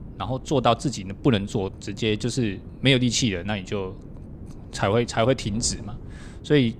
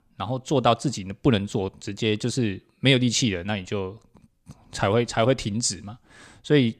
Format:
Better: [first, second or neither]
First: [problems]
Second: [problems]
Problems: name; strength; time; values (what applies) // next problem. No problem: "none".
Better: second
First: wind noise on the microphone; occasional gusts; 25 dB below the speech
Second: none